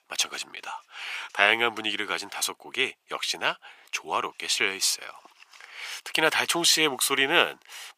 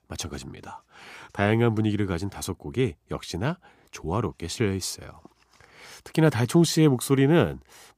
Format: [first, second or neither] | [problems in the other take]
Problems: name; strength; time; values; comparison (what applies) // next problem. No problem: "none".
second | thin; very; fading below 850 Hz